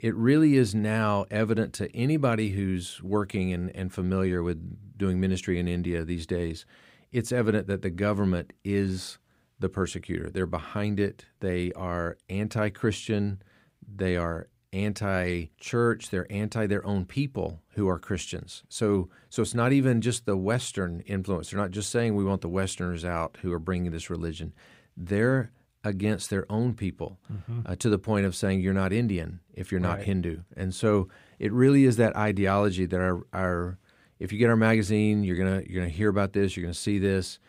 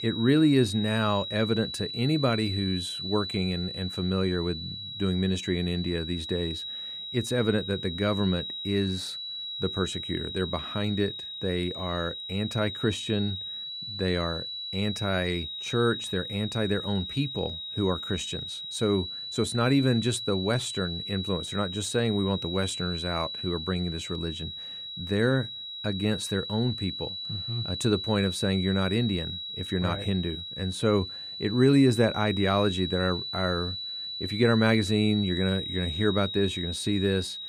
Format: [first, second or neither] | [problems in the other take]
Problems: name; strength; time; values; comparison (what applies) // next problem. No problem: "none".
first | high-pitched whine; loud; throughout; 4 kHz, 6 dB below the speech